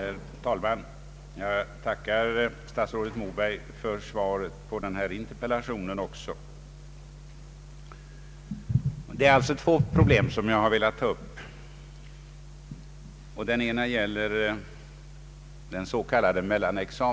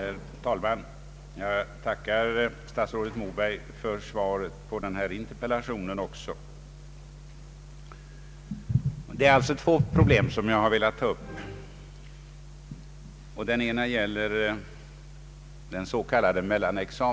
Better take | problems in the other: first | background sound (Musical instrument); 19 dB below the speech

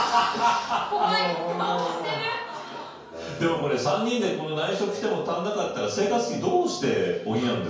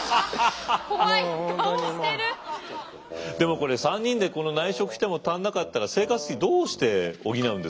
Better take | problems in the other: second | room echo; dies away in 0.5 s

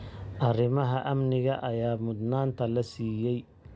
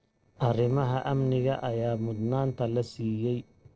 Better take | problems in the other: first | noise reduction (neural separator model SepFormer DNS4)

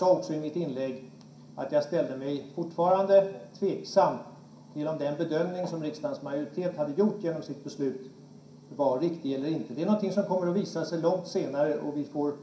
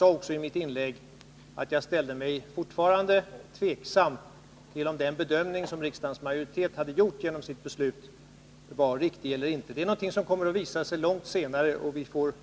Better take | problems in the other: second | room echo; dies away in 0.5 s

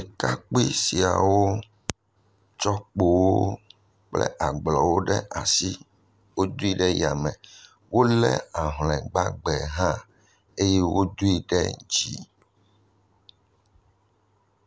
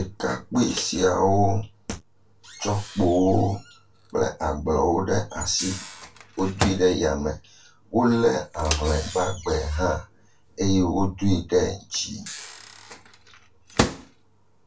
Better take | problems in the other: first | background sound (Microwave oven); 12 dB below the speech // room echo; dies away in 0.2 s

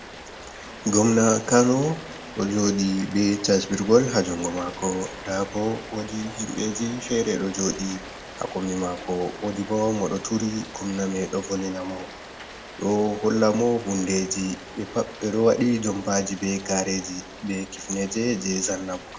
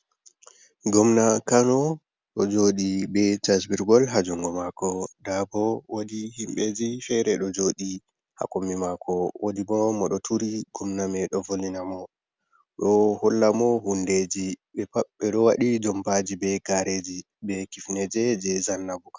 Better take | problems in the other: second | background sound (Rain); 15 dB below the speech // room echo; dies away in 0.5 s

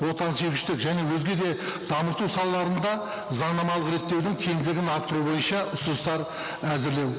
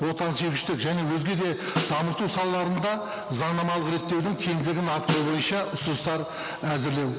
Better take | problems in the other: first | background sound (Snare drum); 9 dB below the speech

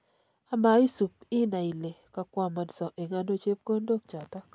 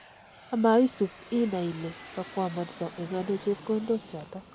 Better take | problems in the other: first | background sound (Aircraft); 18 dB below the speech

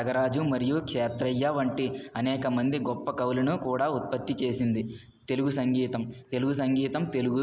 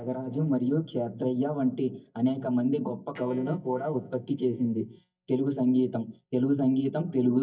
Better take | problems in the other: first | noise reduction (neural mask model DeepFilterNet 3)

